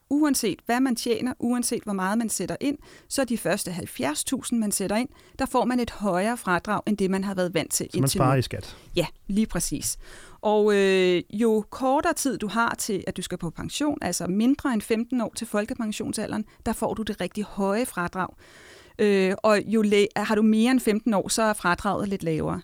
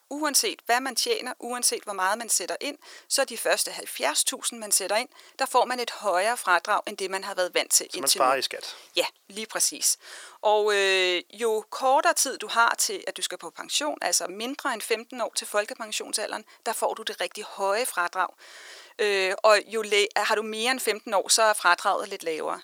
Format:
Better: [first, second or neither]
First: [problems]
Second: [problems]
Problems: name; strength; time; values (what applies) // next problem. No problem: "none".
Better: first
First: none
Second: thin; very; fading below 500 Hz